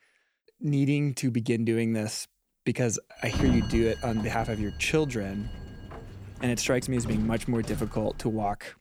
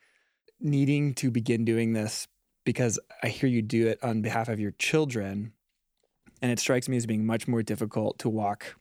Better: second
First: door banging; loud; from 3.5 s on; peak level with the speech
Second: none

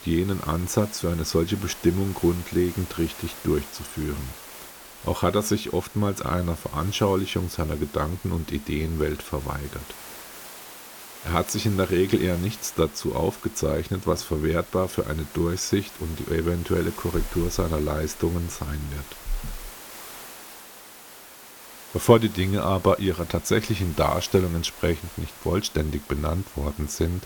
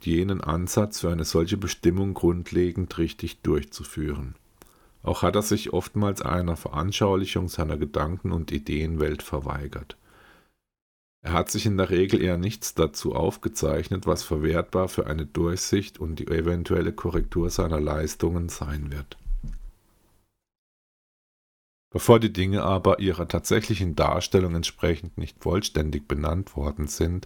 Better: second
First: hiss; noticeable; throughout; 15 dB below the speech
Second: none

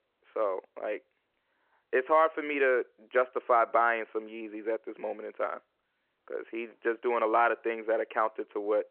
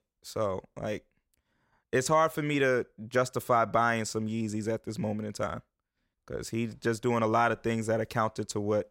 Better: second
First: phone-call audio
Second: none

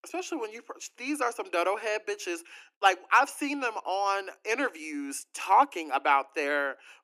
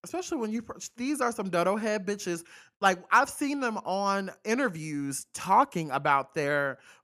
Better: second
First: thin; very slightly; fading below 300 Hz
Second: none

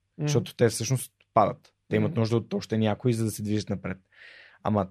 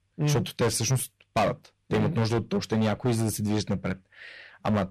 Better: first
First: none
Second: distortion; heavy; 11% of the sound clipped

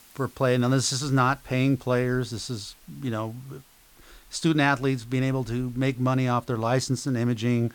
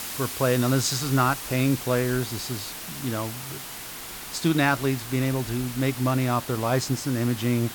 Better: first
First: hiss; faint; throughout; 30 dB below the speech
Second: hiss; loud; throughout; 9 dB below the speech

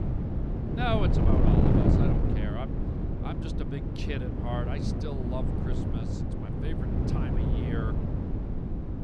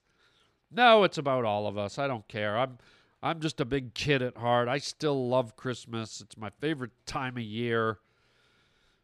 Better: second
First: wind noise on the microphone; heavy; 2 dB above the speech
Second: none

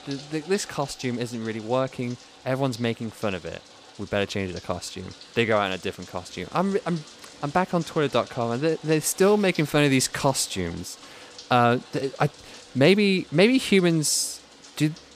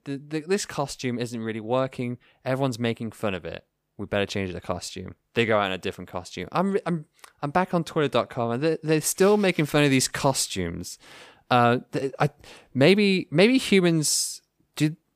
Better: second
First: household noises; faint; throughout; 20 dB below the speech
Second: none

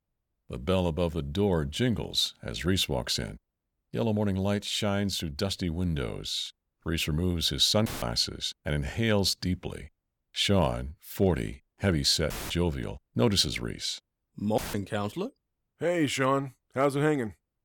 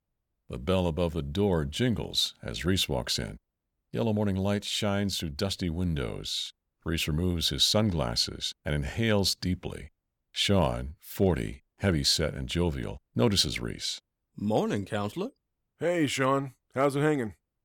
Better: second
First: audio cutting out; filled with static; at 8 s, at 12 s and at 15 s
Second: none

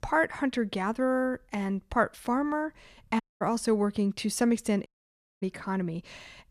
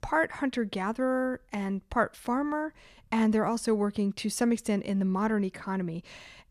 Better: second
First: audio cutting out; at 3 s and at 5 s for 0.5 s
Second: none

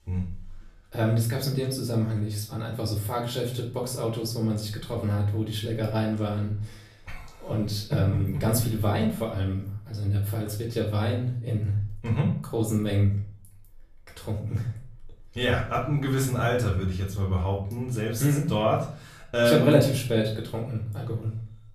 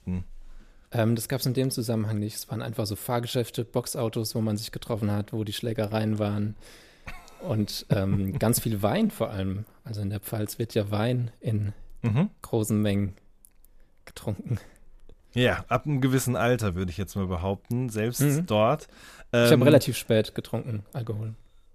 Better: second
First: off-mic speech; far // room echo; slight; dies away in 0.5 s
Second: none

